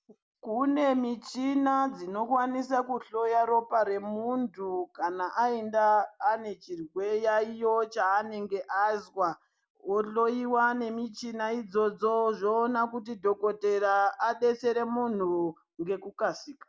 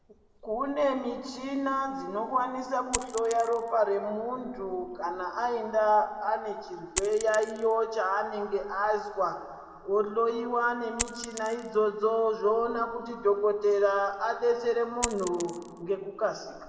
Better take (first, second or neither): first